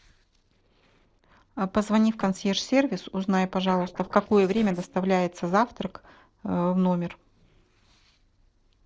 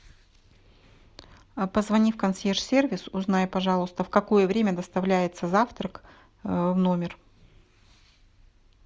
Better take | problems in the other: second | noise reduction (neural separator model SepFormer DNS4)

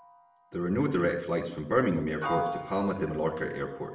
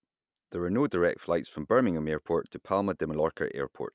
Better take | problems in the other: second | background sound (Piano); 10 dB below the speech // room echo; dies away in 0.7 s

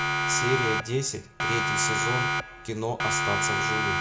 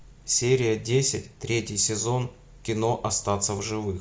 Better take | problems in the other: second | background sound (Siren); 3 dB above the speech

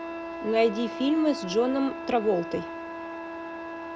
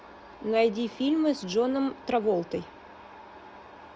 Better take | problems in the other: second | background sound (Wind instrument, woodwind instrument); 9 dB below the speech

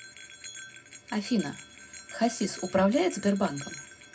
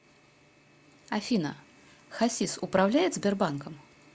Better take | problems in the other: second | background sound (Bell); 15 dB below the speech // room echo; dies away in 0.2 s

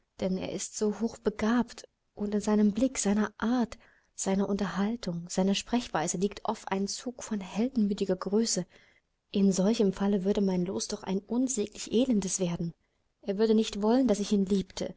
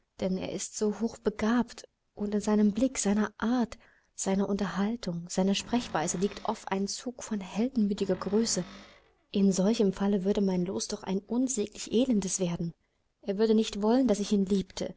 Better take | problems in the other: first | background sound (Cupboard open or close); 20 dB below the speech

